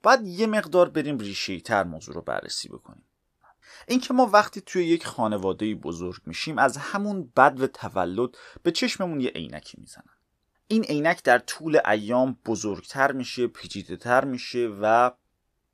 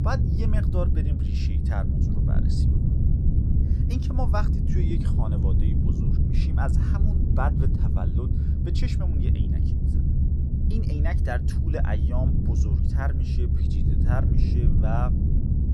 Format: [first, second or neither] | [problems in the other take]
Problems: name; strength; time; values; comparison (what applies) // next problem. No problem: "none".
first | low rumble; loud; throughout; 1 dB below the speech